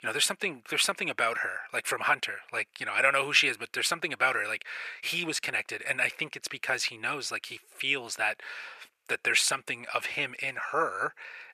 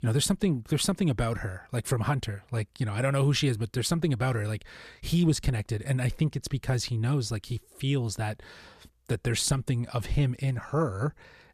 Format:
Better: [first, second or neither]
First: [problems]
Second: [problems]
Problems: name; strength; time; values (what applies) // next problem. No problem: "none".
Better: second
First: thin; very; fading below 650 Hz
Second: none